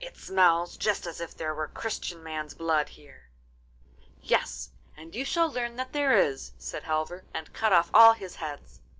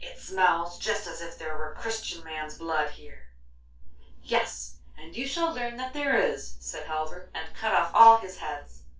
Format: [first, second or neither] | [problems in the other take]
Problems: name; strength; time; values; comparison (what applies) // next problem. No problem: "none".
first | room echo; dies away in 0.2 s